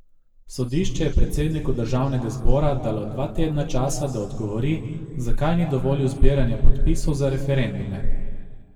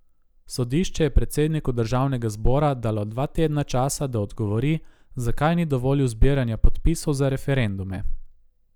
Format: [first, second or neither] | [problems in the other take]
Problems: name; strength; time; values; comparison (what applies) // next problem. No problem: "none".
second | room echo; dies away in 1.8 s